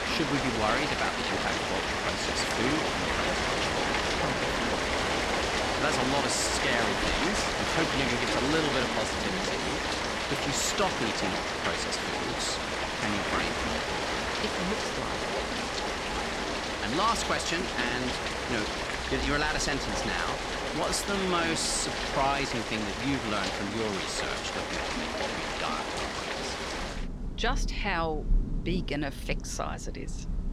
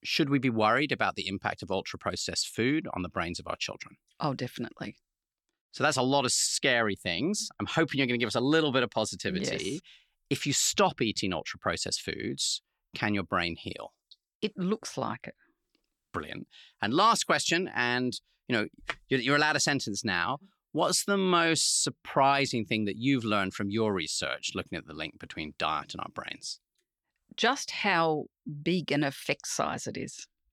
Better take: second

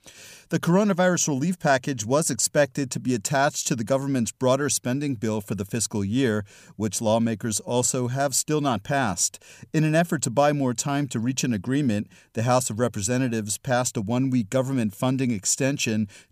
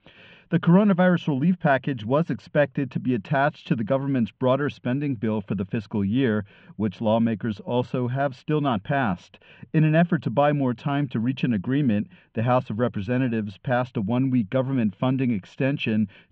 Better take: first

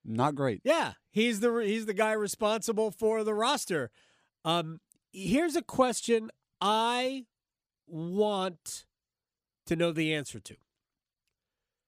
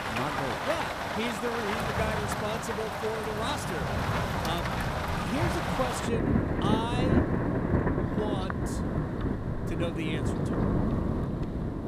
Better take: first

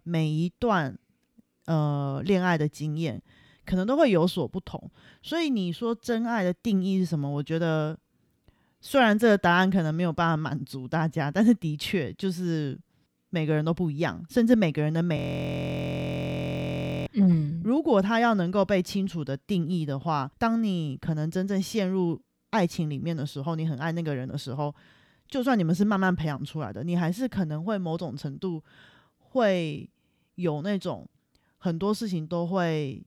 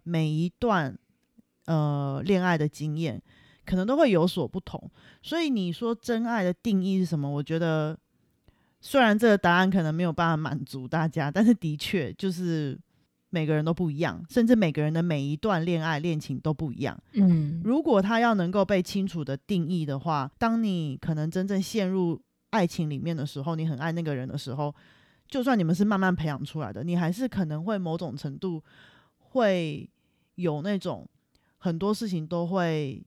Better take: second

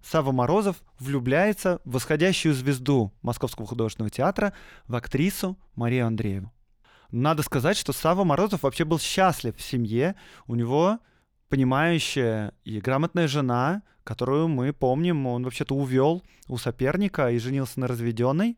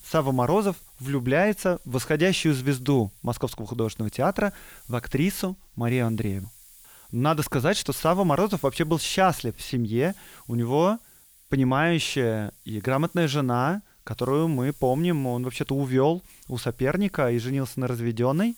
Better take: first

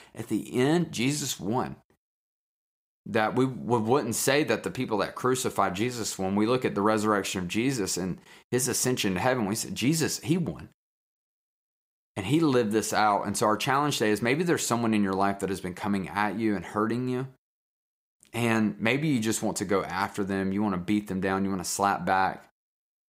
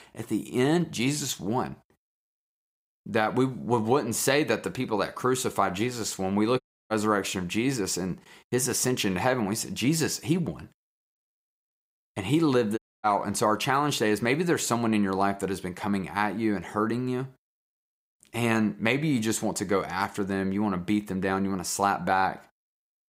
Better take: first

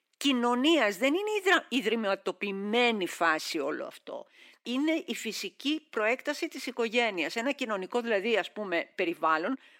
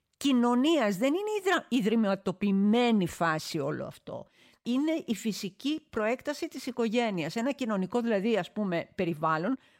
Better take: second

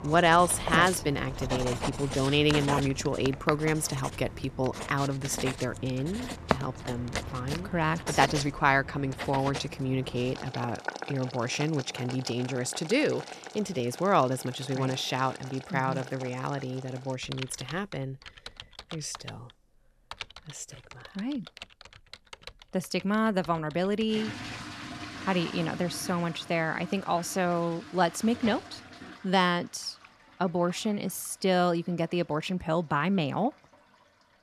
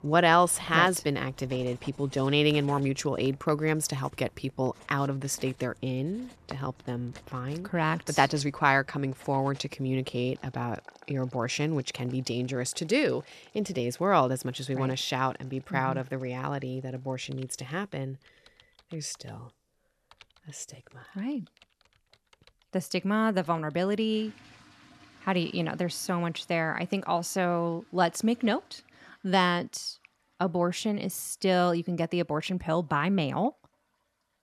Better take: second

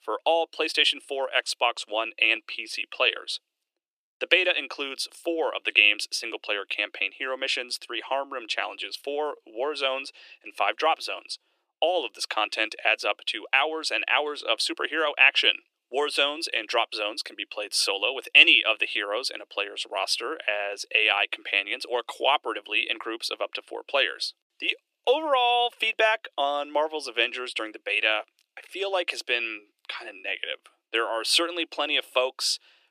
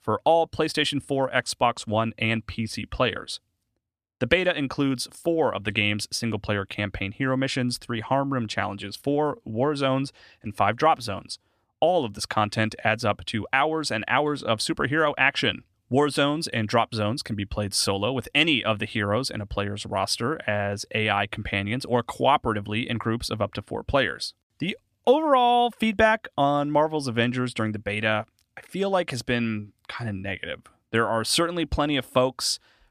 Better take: second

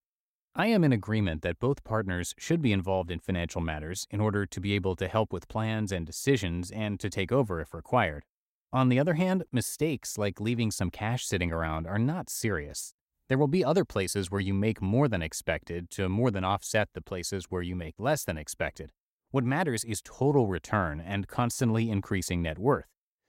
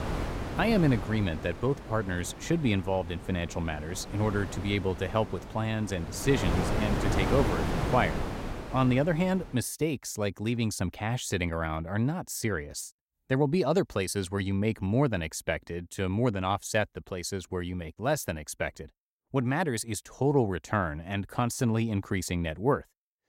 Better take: first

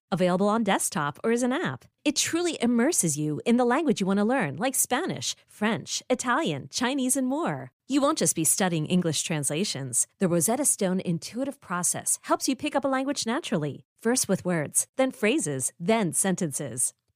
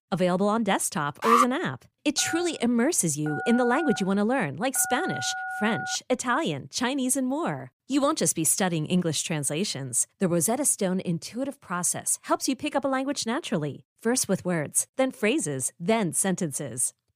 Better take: first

